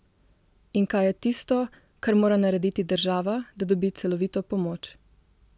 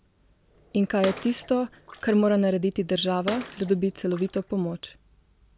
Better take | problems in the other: first | background sound (Bathtub (filling or washing) / Water / Splash, splatter); 15 dB below the speech

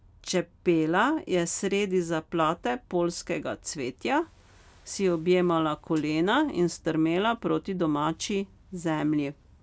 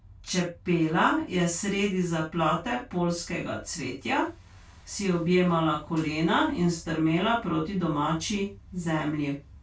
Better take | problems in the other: first | room echo; dies away in 0.2 s

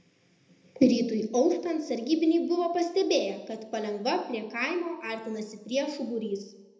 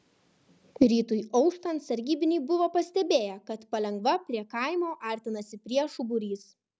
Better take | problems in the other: second | room echo; dies away in 0.7 s

